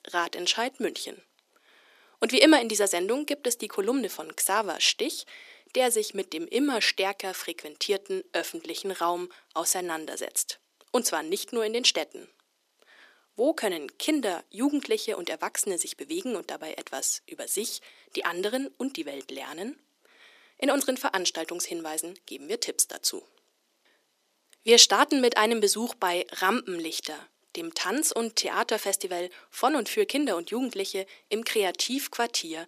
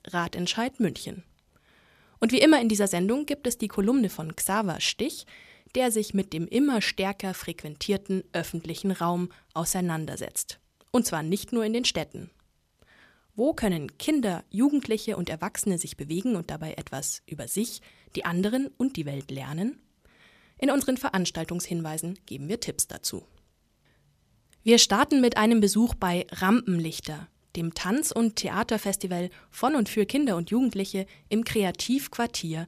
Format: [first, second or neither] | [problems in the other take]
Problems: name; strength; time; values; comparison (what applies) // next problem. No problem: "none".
second | thin; somewhat; fading below 300 Hz